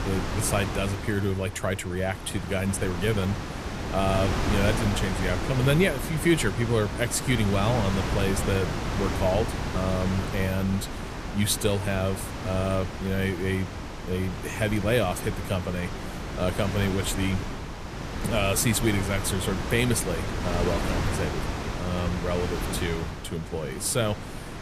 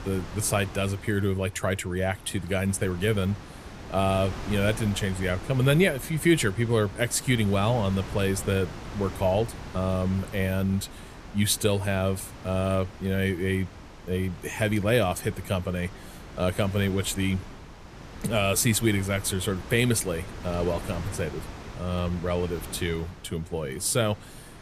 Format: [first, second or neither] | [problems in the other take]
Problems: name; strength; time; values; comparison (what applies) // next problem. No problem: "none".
second | wind noise on the microphone; heavy; 4 dB below the speech; occasional gusts in the second